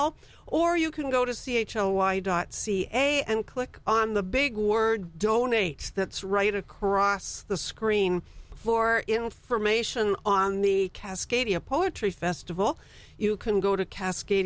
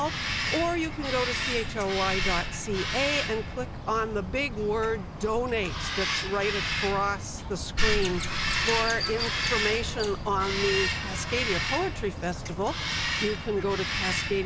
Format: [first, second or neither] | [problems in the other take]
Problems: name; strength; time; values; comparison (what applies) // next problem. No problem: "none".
first | background sound (Bird vocalization, bird call, bird song); as loud as the speech